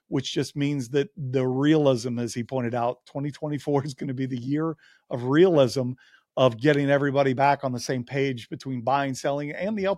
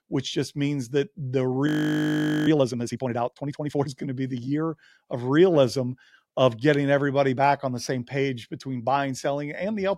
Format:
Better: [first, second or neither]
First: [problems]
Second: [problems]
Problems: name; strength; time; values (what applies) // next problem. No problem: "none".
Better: first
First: none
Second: audio freezing; at 1.5 s for 1 s